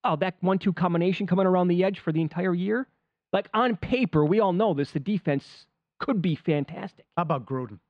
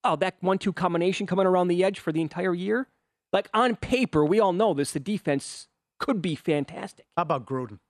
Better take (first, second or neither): second